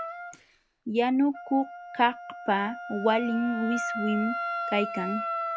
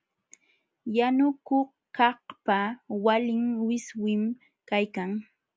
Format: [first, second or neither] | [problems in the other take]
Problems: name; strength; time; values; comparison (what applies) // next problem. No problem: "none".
second | background sound (Wind instrument, woodwind instrument); 7 dB below the speech